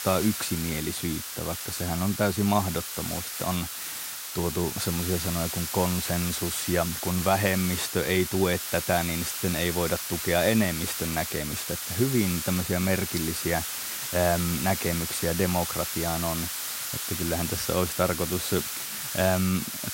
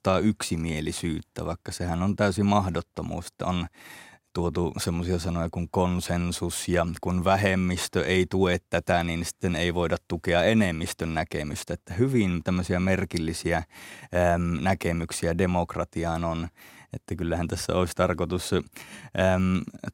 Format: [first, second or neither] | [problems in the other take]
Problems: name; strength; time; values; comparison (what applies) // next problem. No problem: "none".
second | hiss; loud; throughout; 3 dB below the speech